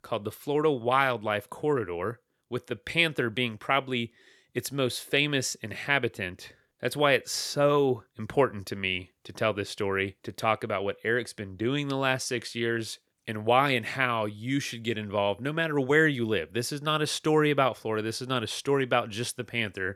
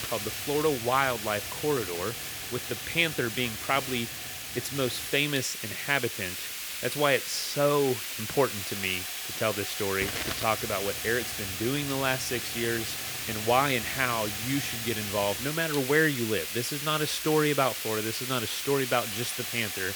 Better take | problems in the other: first | hiss; loud; throughout; 3 dB below the speech

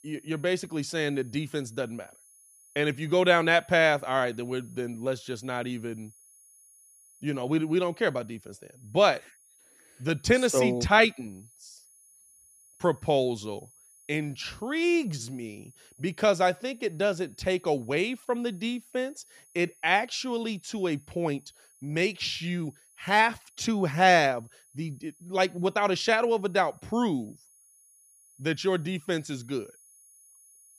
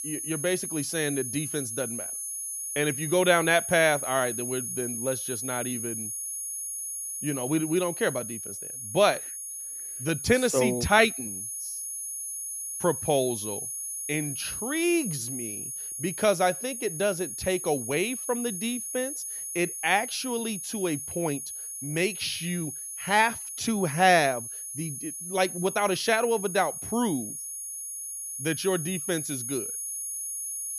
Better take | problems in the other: first | high-pitched whine; loud; throughout; 10 kHz, 5 dB below the speech; faint in the first

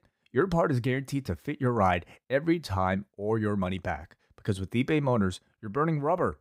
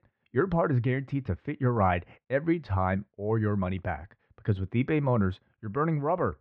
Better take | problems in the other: first | muffled; very; fading above 2.5 kHz

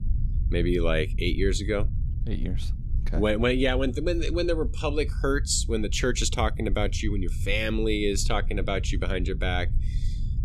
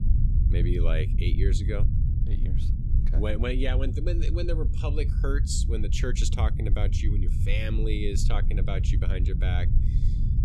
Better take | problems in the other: first | low rumble; loud; throughout; 8 dB below the speech; faint in the first

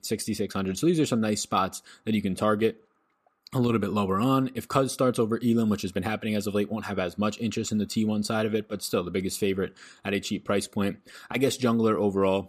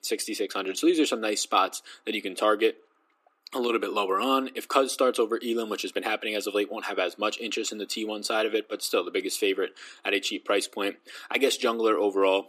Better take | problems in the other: first | thin; somewhat; fading below 300 Hz

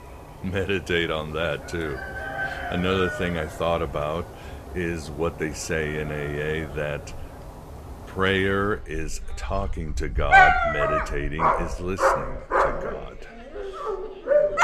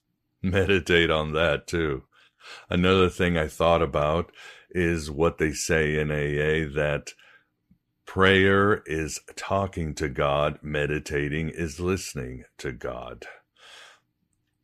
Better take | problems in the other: second | animal sounds; very loud; throughout; 4 dB above the speech

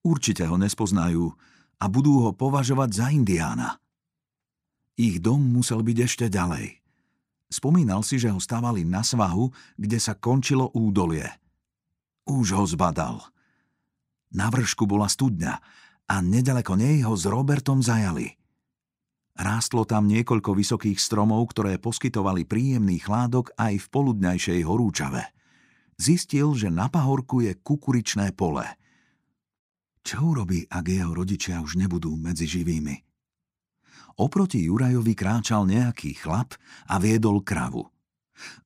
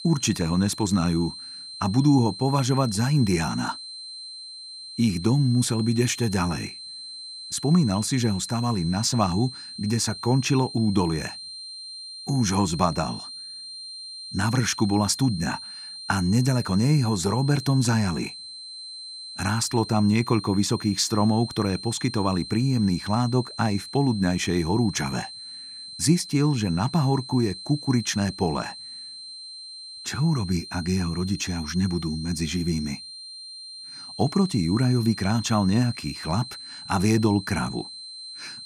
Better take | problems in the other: first | high-pitched whine; noticeable; throughout; 4 kHz, 10 dB below the speech

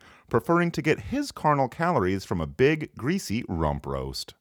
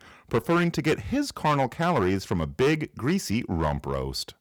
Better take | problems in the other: first | distortion; slight; 6% of the sound clipped

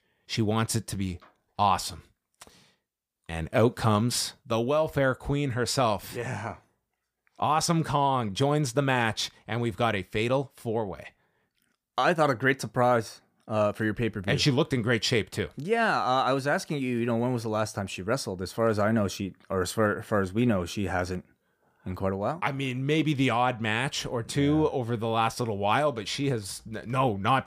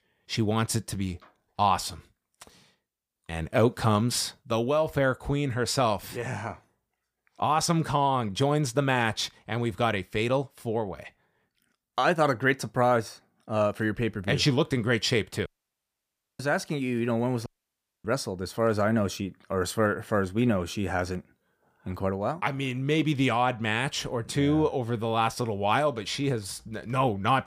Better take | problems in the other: first | audio cutting out; at 15 s for 1 s and at 17 s for 0.5 s

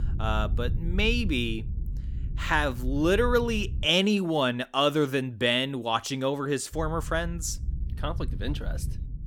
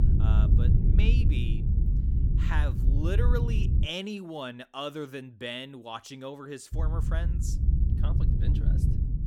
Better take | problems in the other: first | low rumble; loud; until 4 s and from 6.5 s on; 4 dB below the speech; faint in the first

